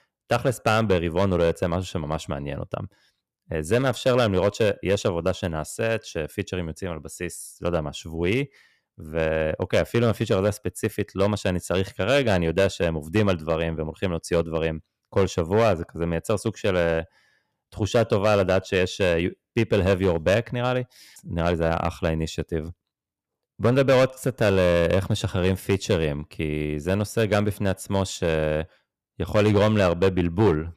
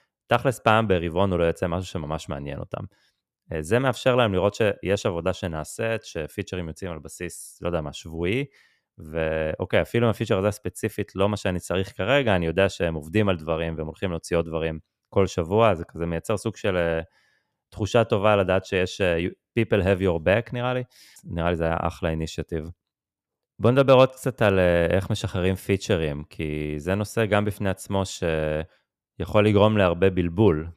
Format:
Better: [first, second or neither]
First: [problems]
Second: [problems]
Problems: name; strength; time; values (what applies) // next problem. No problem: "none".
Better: second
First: distortion; slight; 3% of the sound clipped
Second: none